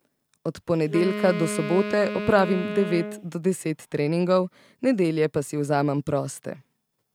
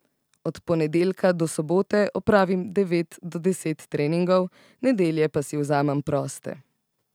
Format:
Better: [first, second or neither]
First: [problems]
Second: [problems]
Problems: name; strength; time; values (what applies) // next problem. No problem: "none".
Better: second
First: background sound (Wind instrument, woodwind instrument); 7 dB below the speech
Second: none